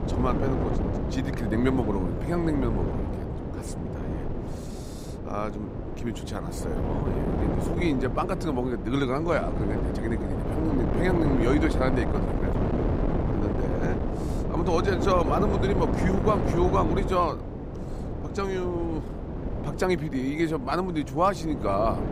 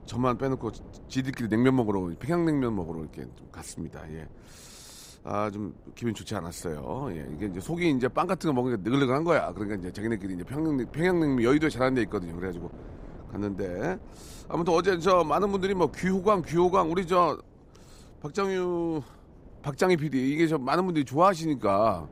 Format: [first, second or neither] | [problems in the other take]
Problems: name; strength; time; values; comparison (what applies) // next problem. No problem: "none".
second | wind noise on the microphone; heavy; 5 dB below the speech; occasional gusts in the second